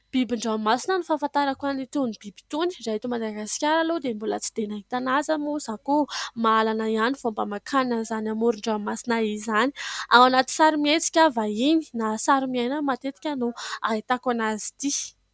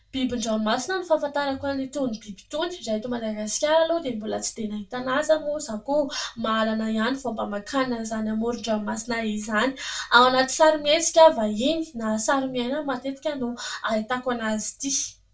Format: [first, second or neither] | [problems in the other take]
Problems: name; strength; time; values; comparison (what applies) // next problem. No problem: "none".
first | room echo; dies away in 0.2 s